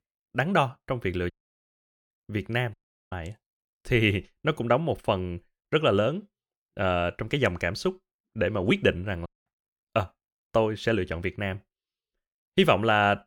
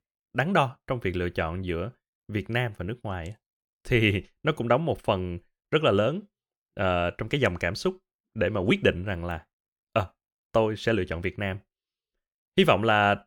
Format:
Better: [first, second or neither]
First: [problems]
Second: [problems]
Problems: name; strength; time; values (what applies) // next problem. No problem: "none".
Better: second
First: audio cutting out; at 1.5 s for 1 s, at 2.5 s and at 9.5 s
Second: none